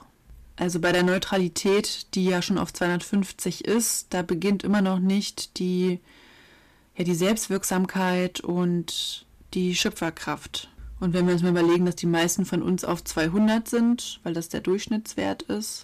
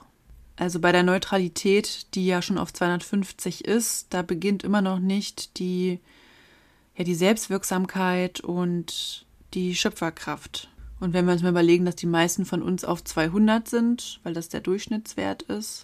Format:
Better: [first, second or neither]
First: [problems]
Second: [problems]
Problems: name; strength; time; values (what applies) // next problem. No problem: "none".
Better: second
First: distortion; slight; 6% of the sound clipped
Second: none